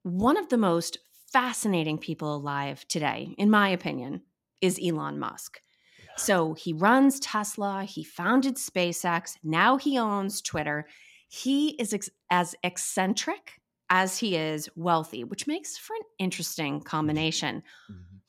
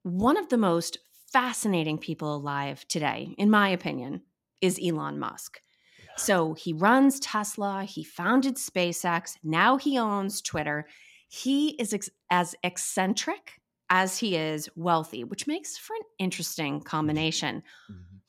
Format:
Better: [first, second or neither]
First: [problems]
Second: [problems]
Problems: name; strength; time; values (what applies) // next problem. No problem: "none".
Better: neither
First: none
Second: none